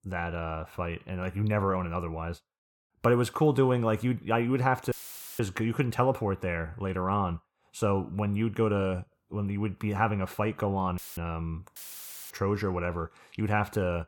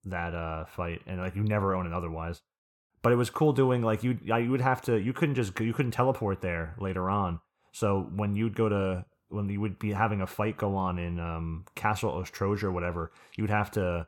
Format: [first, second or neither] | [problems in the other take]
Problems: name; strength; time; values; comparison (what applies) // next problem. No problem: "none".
second | audio cutting out; filled with static; at 5 s, at 11 s and at 12 s for 0.5 s